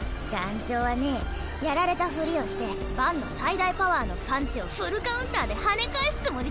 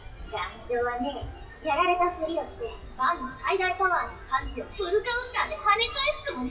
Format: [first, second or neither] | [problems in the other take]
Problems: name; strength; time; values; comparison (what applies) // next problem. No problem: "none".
first | noise reduction (classical method WPE with log-MMSE)